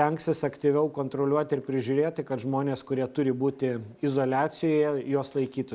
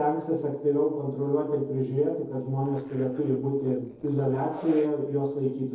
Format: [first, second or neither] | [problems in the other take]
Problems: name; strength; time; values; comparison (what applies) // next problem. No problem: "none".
first | noise reduction (neural separator model SepFormer DNS4)